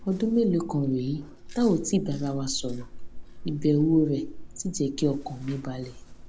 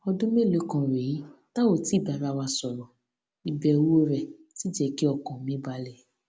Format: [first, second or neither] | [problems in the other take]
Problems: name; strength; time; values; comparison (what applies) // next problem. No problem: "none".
second | background sound (Chewing, mastication); 11 dB below the speech